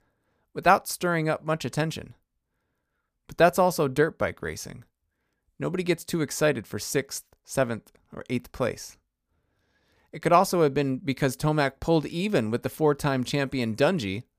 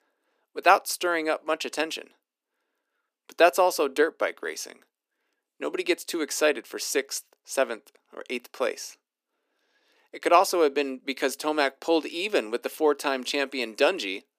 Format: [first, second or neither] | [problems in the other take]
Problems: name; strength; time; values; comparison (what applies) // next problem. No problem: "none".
first | thin; somewhat; fading below 300 Hz